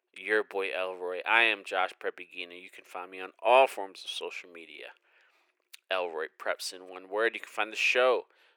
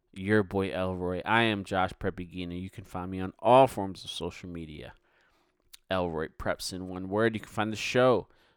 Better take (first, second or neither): second